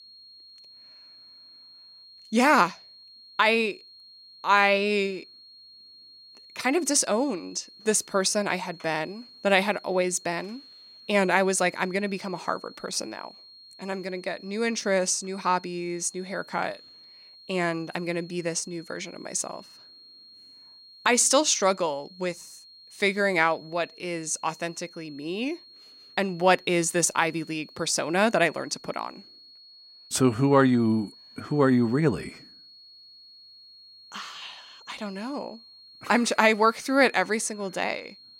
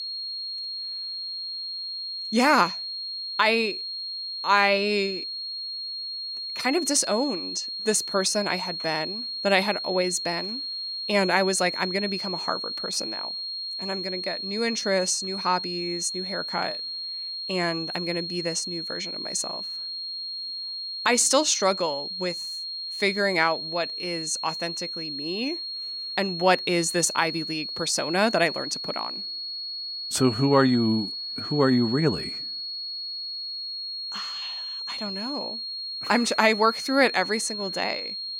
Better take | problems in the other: first | high-pitched whine; loud; throughout; 4.5 kHz, 5 dB below the speech; faint in the first

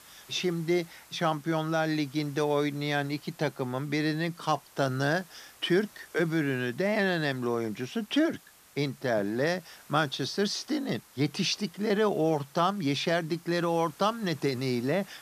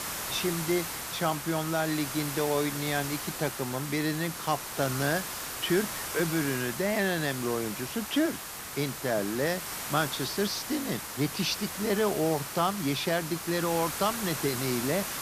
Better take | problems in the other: first | hiss; loud; throughout; 5 dB below the speech; faint in the first

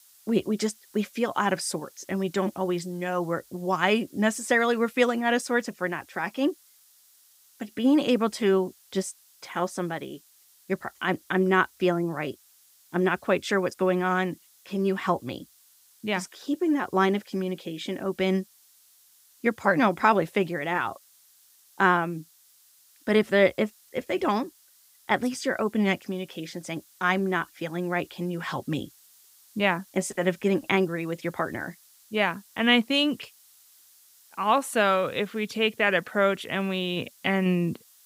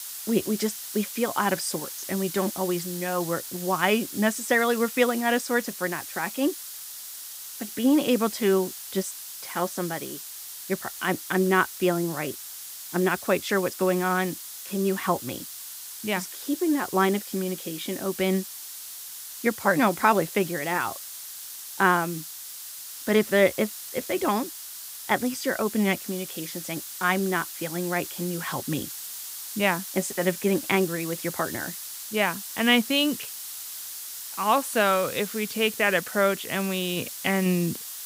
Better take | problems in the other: first | hiss; loud; throughout; 9 dB below the speech; faint in the first

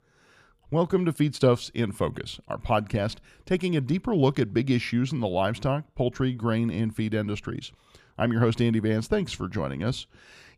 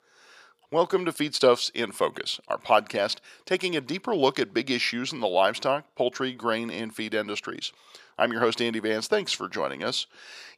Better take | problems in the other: first | thin; somewhat; fading below 450 Hz

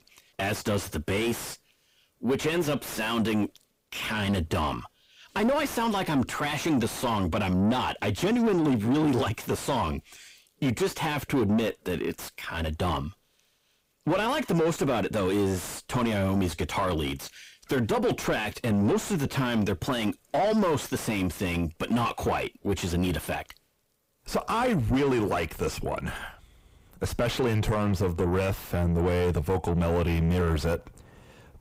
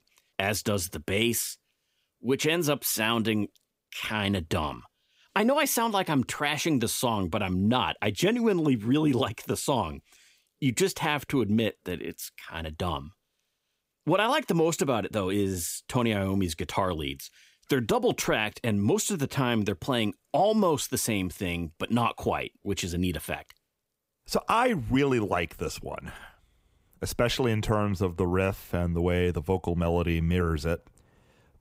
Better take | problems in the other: second | distortion; heavy; 6 dB below the speech

